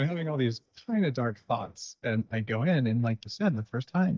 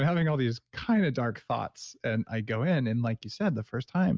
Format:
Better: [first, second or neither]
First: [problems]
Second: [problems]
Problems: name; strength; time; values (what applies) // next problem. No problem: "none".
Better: second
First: noise reduction (neural mask model DeepFilterNet 3)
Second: none